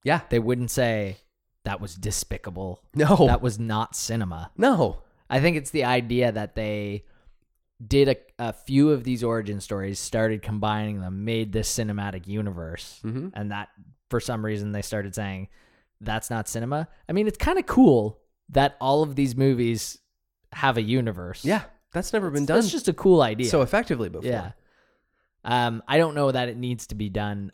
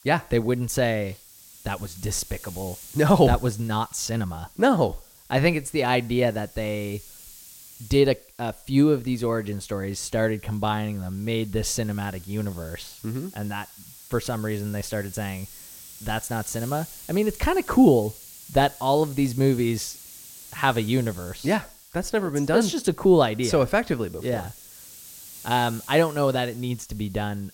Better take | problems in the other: first | hiss; noticeable; throughout; 20 dB below the speech

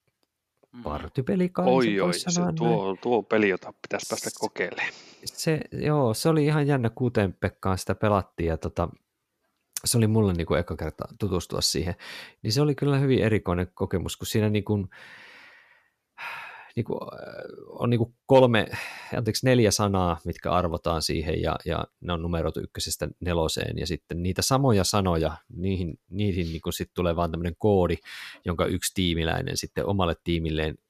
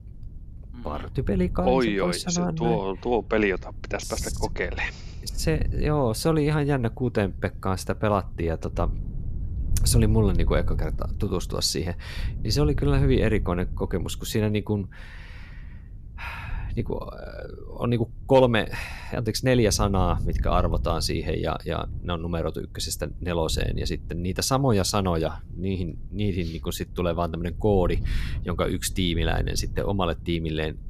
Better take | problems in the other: first | wind noise on the microphone; occasional gusts; 20 dB below the speech

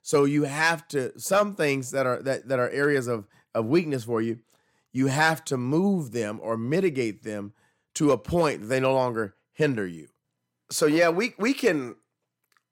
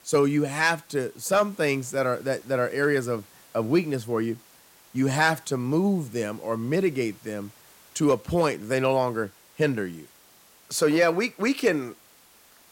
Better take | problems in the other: first | hiss; faint; throughout; 25 dB below the speech

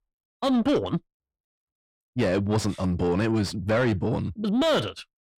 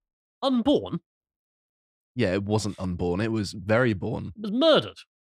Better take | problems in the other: second | distortion; heavy; 7 dB below the speech

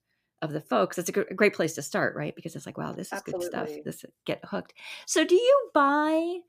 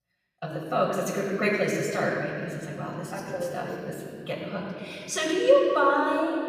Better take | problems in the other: first | off-mic speech; far // room echo; noticeable; dies away in 2.5 s

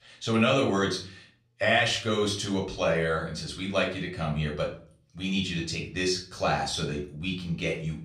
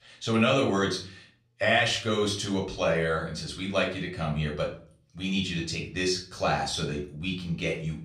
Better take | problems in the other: neither | off-mic speech; far; the same in both // room echo; slight; dies away in 0.4 s; the same in both

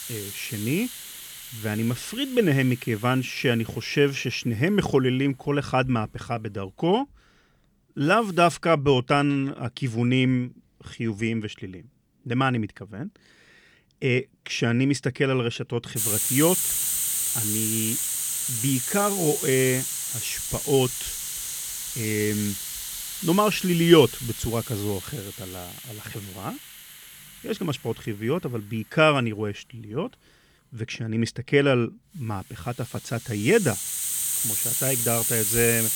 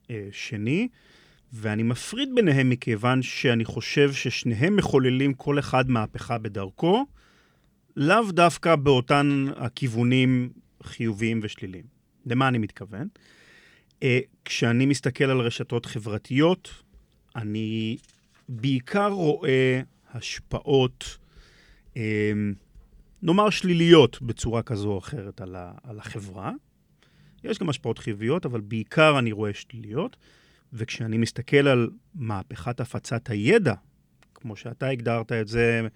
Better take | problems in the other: second | hiss; loud; until 8.5 s and from 16 s on; 2 dB below the speech

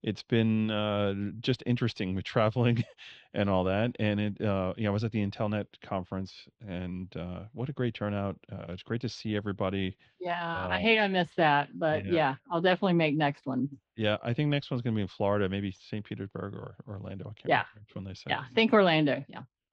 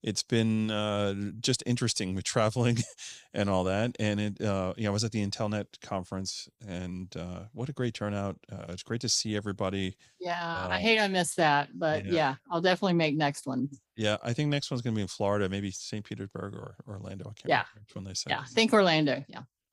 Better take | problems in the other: second | muffled; slightly; fading above 3 kHz

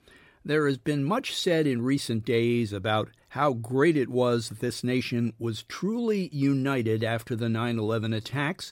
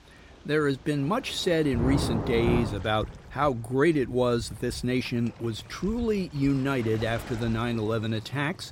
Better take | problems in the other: first | rain or running water; loud; throughout; 9 dB below the speech

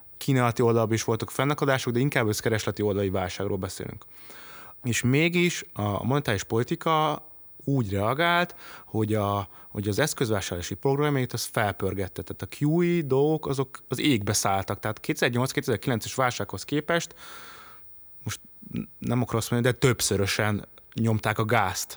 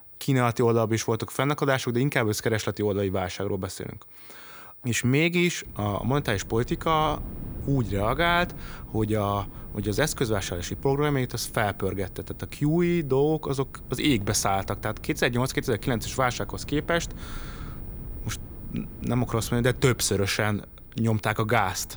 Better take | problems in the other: first | wind noise on the microphone; occasional gusts; from 5.5 s on; 25 dB below the speech

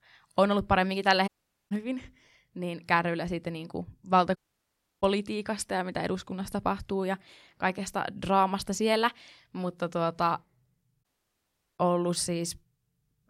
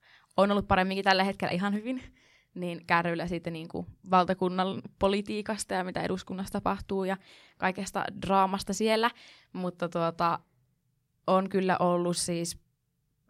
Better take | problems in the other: second | audio cutting out; at 1.5 s, at 4.5 s for 0.5 s and at 11 s for 1 s

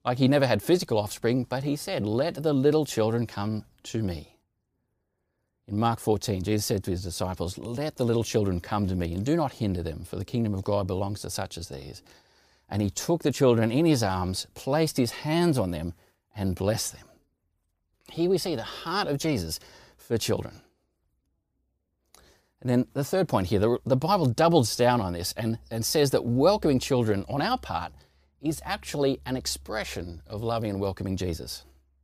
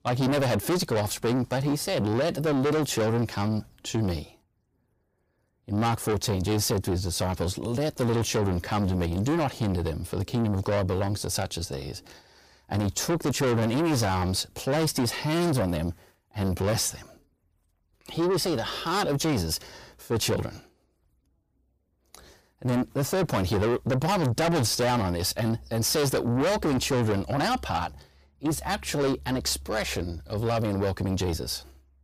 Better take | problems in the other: first | distortion; heavy; 6 dB below the speech

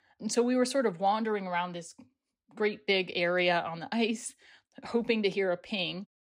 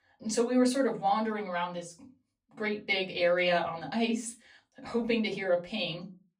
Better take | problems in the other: first | off-mic speech; far // room echo; very slight; dies away in 0.2 s

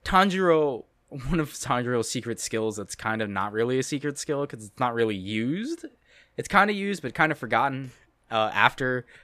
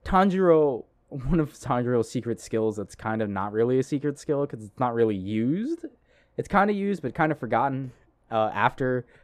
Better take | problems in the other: first | muffled; slightly; fading above 1.5 kHz

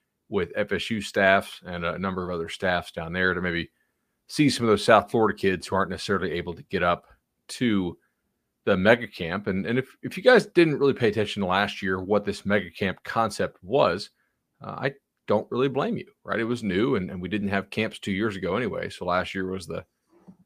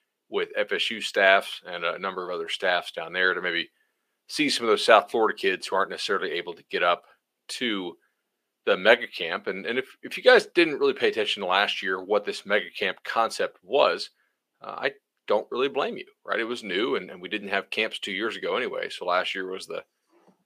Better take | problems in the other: first | thin; somewhat; fading below 450 Hz

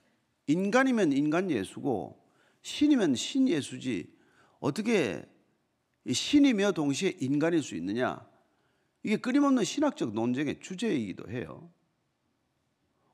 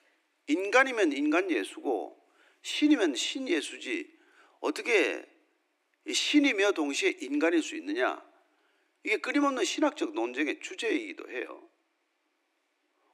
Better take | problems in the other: first | thin; very slightly; fading below 300 Hz

